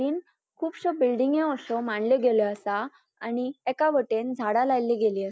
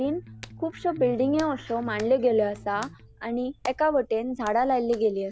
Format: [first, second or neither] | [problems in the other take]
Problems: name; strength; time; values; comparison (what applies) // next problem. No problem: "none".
first | background sound (Electric guitar + Hands); 18 dB below the speech